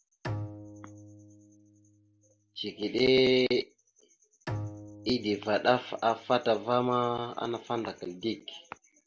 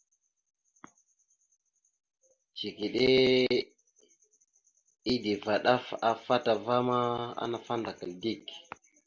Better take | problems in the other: second | background sound (Bowed string instrument); 14 dB below the speech

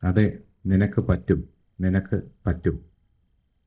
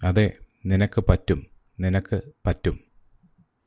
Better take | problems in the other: second | noise reduction (neural mask model DeepFilterNet 3)

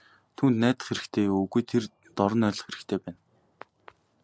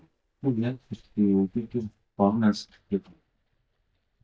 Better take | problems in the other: first | noise reduction (neural mask model DeepFilterNet 3)

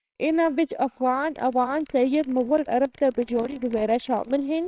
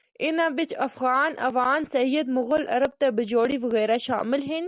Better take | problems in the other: second | noise reduction (neural separator model SepFormer WHAMR!)

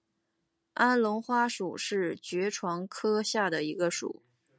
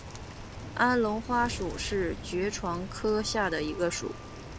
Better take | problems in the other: first | background sound (Rain + Sliding door); 10 dB below the speech

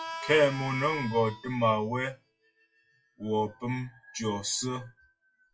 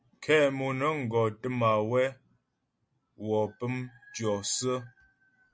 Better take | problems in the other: second | noise reduction (classical method WPE with log-MMSE)

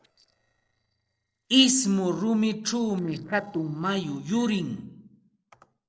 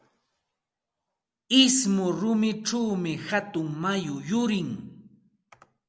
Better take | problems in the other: second | noise reduction (neural separator model SepFormer DNS4)

